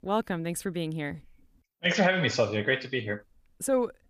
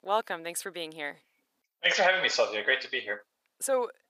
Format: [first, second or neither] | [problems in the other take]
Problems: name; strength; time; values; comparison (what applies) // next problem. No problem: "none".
first | thin; very; fading below 650 Hz